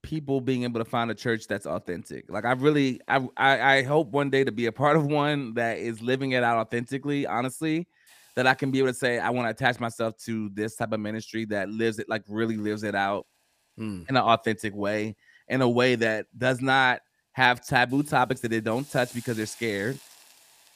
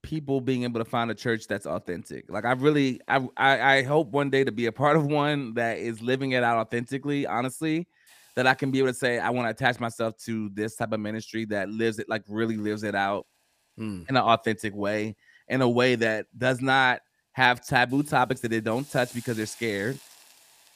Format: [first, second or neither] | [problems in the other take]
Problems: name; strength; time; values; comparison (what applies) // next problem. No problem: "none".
neither | hiss; faint; from 2.5 to 9 s and from 12 s on; 25 dB below the speech; the same in both